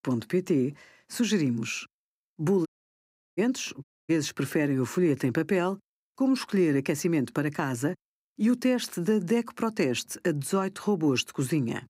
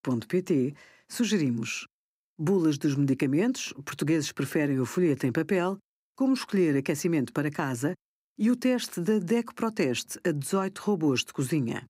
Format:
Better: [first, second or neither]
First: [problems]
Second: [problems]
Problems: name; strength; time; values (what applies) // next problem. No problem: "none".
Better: second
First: audio cutting out; at 2.5 s for 0.5 s and at 4 s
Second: none